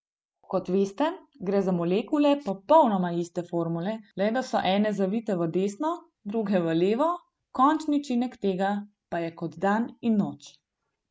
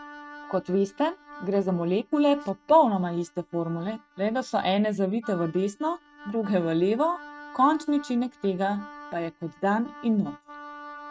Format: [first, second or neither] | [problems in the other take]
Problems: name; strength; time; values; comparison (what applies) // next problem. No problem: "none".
first | noise reduction (neural mask model RNNoise)